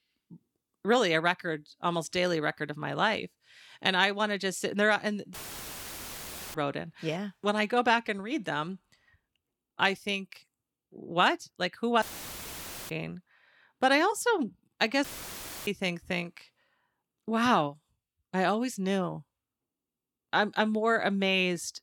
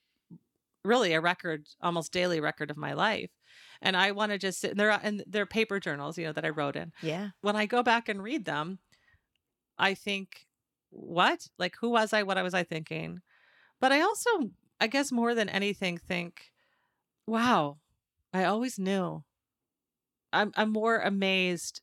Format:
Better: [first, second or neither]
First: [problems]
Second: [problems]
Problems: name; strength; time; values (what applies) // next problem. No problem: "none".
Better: second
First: audio cutting out; filled with static; at 5.5 s for 1 s, at 12 s for 1 s and at 15 s for 0.5 s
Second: none